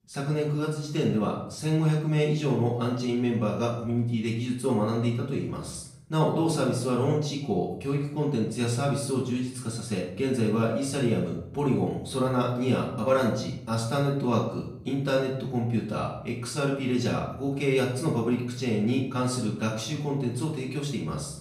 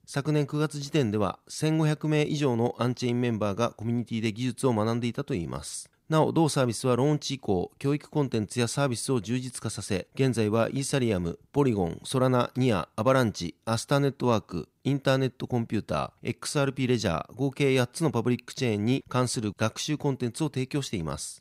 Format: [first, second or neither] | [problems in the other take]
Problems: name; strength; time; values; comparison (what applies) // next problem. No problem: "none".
second | off-mic speech; far // room echo; noticeable; dies away in 0.6 s